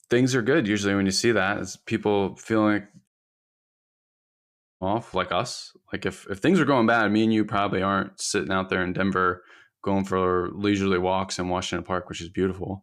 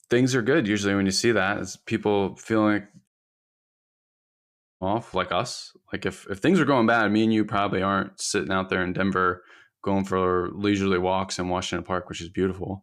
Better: neither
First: audio cutting out; at 3 s for 1.5 s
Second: audio cutting out; at 3 s for 1.5 s

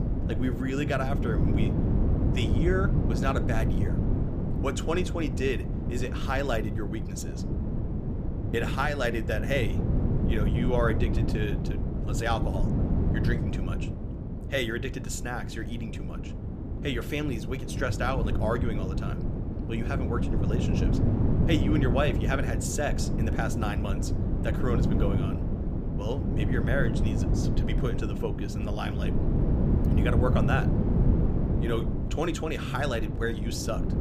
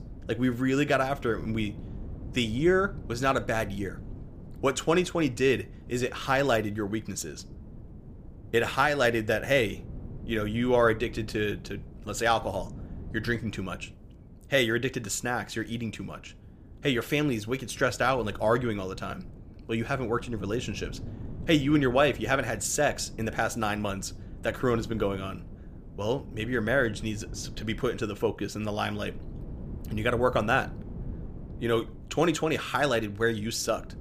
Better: second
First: wind noise on the microphone; heavy; 5 dB below the speech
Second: wind noise on the microphone; occasional gusts; 25 dB below the speech

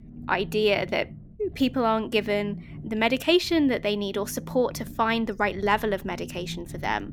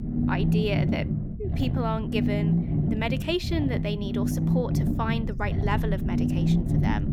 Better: first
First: low rumble; faint; throughout; 25 dB below the speech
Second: low rumble; loud; throughout; 3 dB below the speech

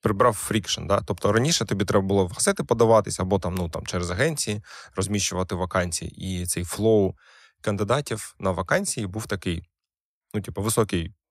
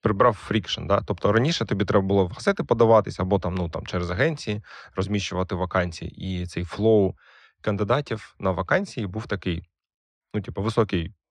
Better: first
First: none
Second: muffled; slightly; fading above 4 kHz

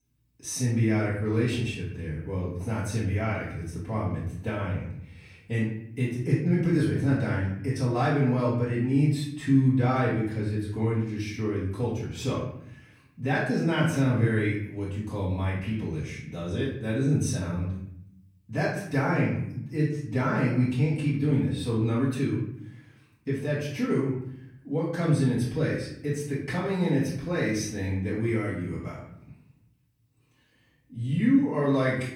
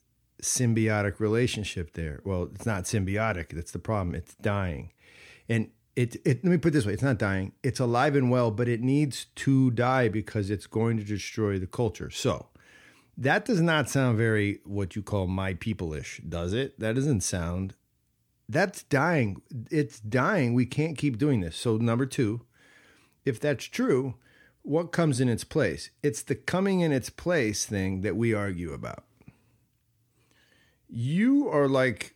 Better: second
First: off-mic speech; far // room echo; noticeable; dies away in 0.7 s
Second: none

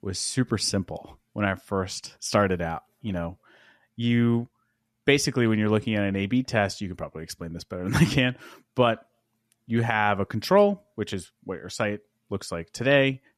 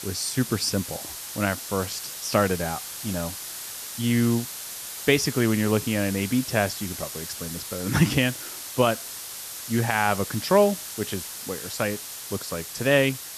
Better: first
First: none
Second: hiss; loud; throughout; 8 dB below the speech

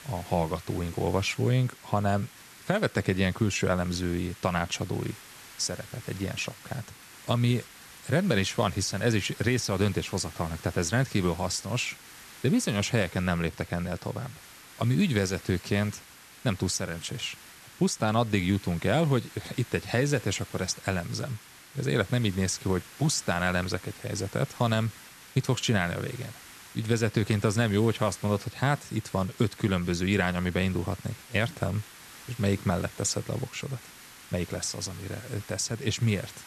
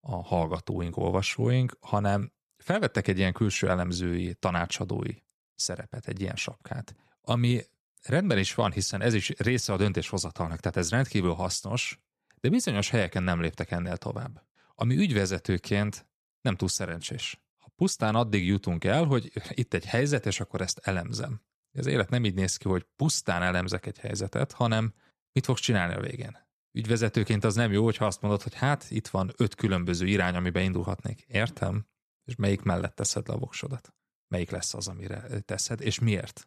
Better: second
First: hiss; noticeable; throughout; 20 dB below the speech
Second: none

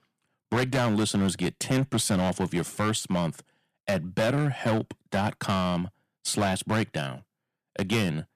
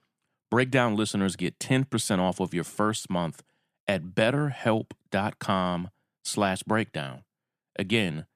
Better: second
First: distortion; heavy; 9% of the sound clipped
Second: none

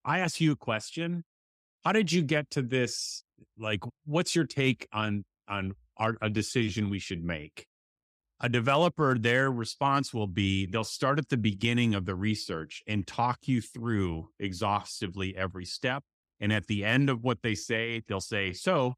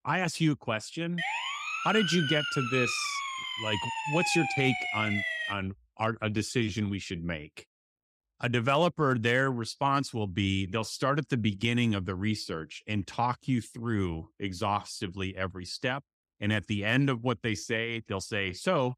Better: first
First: none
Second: siren; loud; from 1 to 5.5 s; peak 1 dB above the speech

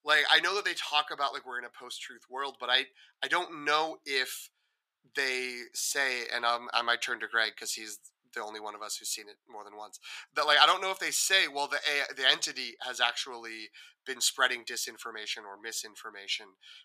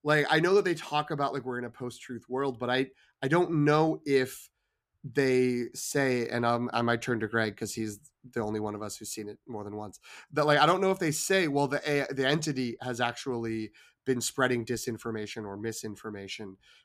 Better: second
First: thin; very; fading below 900 Hz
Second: none

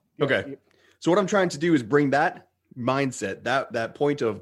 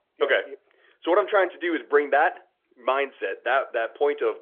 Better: first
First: none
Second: phone-call audio; nothing above 3.5 kHz

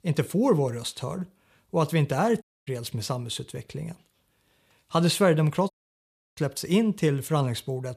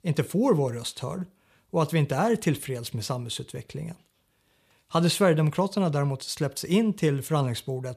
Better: second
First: audio cutting out; at 2.5 s and at 5.5 s for 0.5 s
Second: none

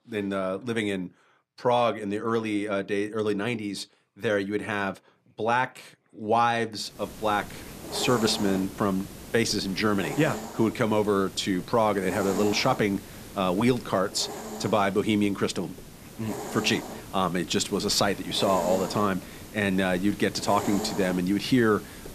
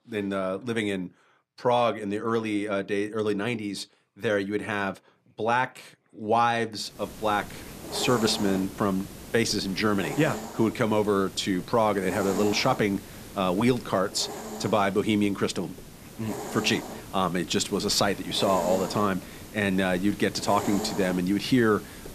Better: neither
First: hiss; noticeable; from 7 s on; 10 dB below the speech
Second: hiss; noticeable; from 7 s on; 10 dB below the speech

